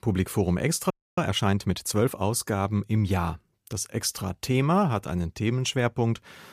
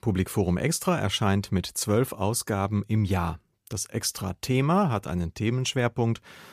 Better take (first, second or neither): second